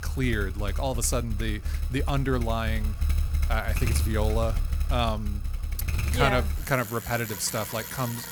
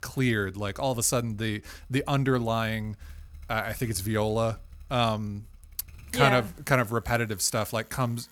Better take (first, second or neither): second